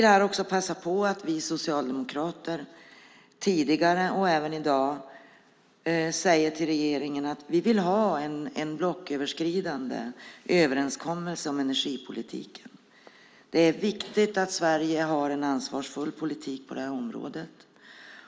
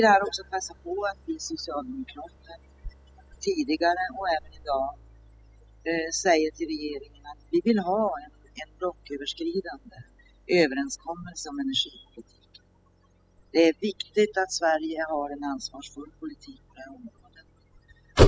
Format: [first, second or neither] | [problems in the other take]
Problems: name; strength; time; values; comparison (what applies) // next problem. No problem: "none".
first | noise reduction (classical method spectral subtraction)